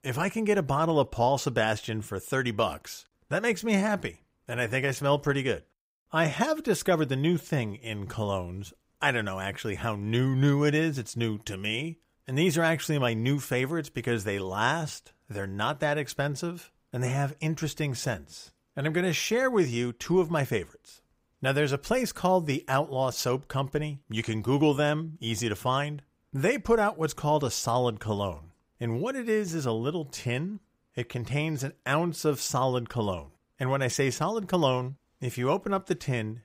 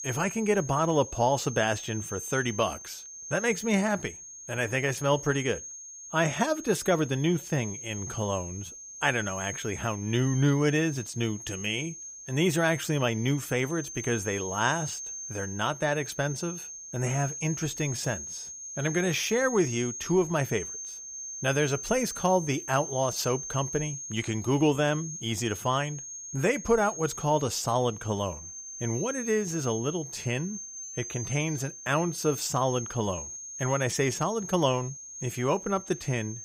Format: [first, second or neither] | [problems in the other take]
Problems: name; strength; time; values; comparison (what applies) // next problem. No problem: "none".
first | high-pitched whine; loud; throughout; 6.5 kHz, 9 dB below the speech